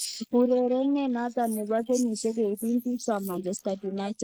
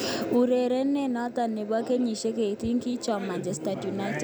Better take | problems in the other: second | noise reduction (neural mask model Resemble Enhance denoiser)

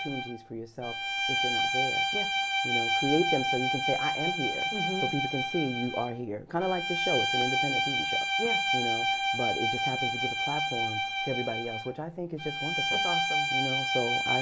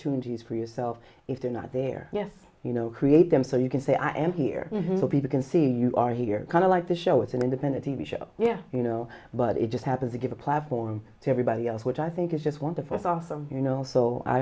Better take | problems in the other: second | background sound (Bowed string instrument); 4 dB above the speech

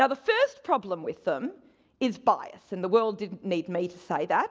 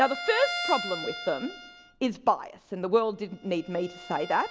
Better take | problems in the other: first | background sound (Bowed string instrument); 10 dB below the speech

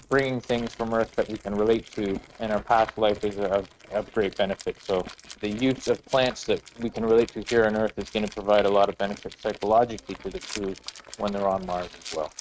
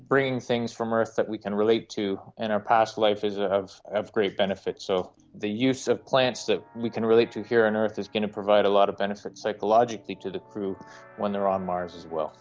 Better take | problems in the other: second | noise reduction (neural mask model RNNoise)

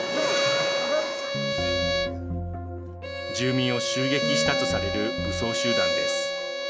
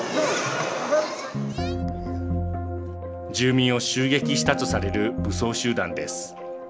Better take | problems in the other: second | background sound (Bowed string instrument); 2 dB above the speech

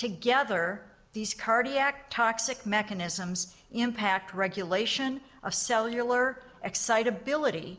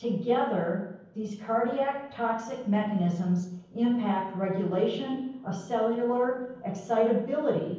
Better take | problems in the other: first | room echo; dies away in 0.9 s

